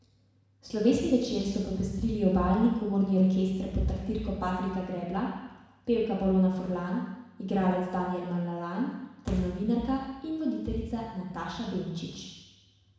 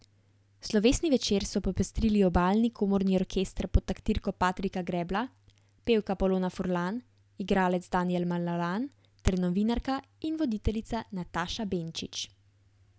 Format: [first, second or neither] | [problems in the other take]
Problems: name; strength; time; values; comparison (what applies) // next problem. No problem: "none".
second | room echo; dies away in 1.1 s